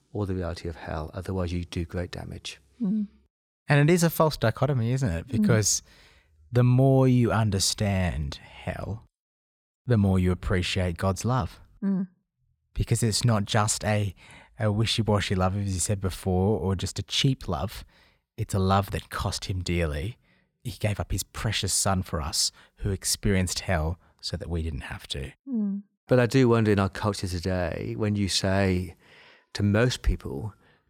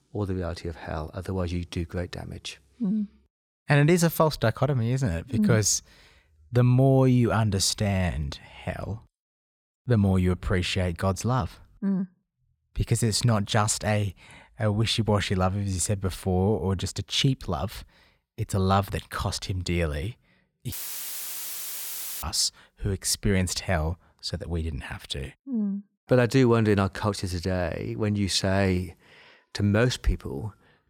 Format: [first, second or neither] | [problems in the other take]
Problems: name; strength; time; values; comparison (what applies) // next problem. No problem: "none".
first | audio cutting out; filled with static; at 21 s for 1.5 s